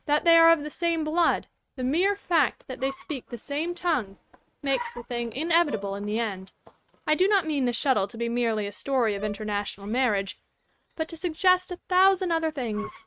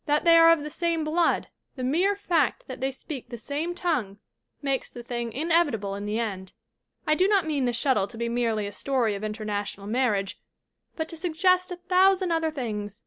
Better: second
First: noise reduction (neural mask model RNNoise)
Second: none

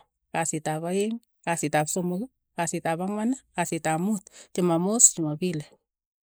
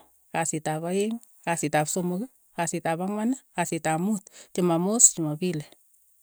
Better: second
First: noise reduction (neural mask model Resemble Enhance denoiser)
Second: none

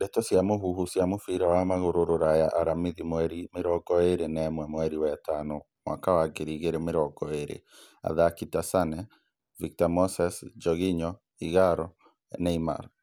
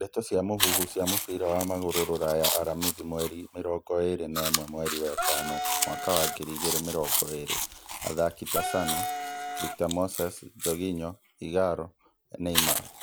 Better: first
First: none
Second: background sound (Chewing, mastication + Wind instrument, woodwind instrument); 1 dB below the speech

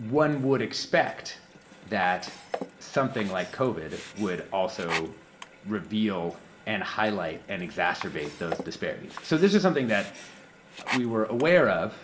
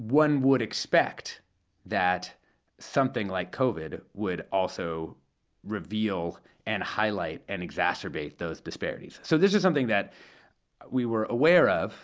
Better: second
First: background sound (Sink (filling or washing)); 14 dB below the speech // room echo; dies away in 0.6 s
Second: none

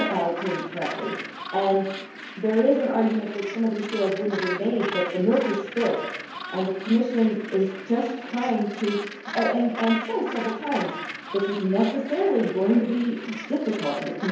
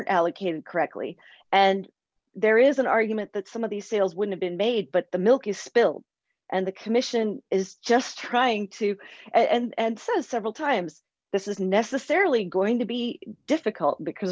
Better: second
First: background sound (Gull, seagull); 11 dB below the speech // room echo; dies away in 0.9 s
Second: none

